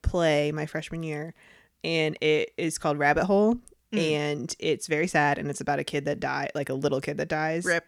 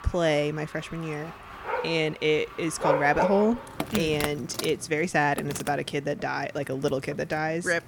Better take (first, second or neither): first